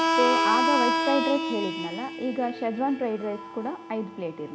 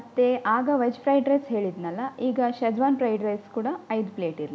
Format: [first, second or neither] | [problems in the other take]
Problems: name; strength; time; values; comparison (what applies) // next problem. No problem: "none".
second | background sound (Harmonica); 1 dB above the speech